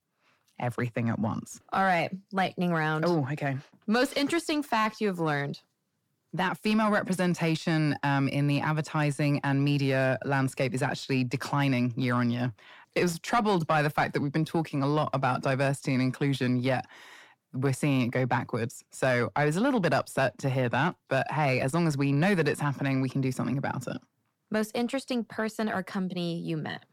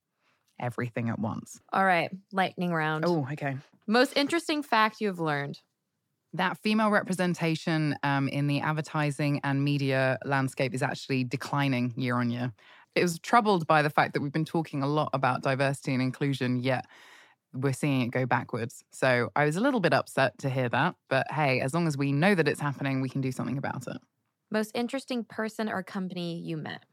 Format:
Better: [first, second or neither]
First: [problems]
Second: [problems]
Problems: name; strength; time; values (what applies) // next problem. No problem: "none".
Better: second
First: distortion; slight; 10 dB below the speech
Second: none